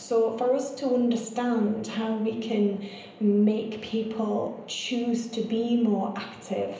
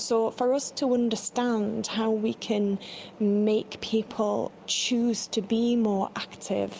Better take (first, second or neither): second